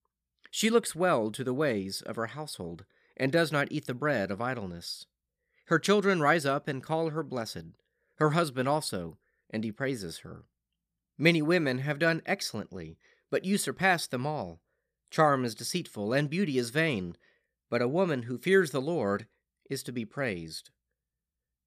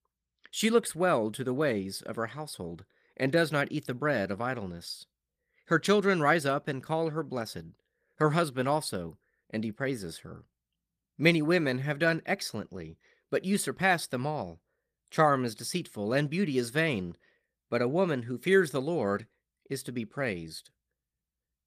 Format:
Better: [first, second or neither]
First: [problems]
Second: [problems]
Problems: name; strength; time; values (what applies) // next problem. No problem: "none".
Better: first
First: none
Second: garbled, watery; slightly; nothing above 14.5 kHz